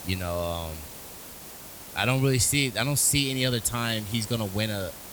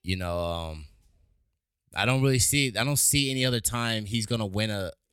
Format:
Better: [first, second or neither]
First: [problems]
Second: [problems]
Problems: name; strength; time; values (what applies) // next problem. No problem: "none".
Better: second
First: hiss; noticeable; throughout; 15 dB below the speech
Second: none